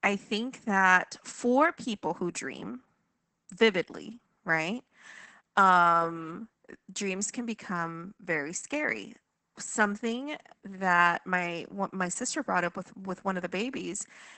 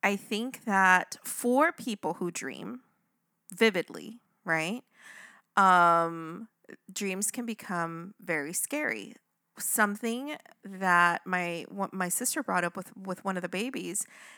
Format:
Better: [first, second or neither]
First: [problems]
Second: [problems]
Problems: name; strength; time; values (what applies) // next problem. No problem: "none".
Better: second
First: garbled, watery; badly; nothing above 8 kHz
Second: none